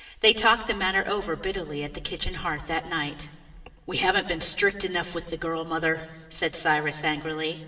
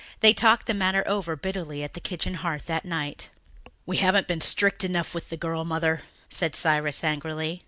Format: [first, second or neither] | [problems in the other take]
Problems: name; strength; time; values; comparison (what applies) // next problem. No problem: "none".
second | room echo; dies away in 2.1 s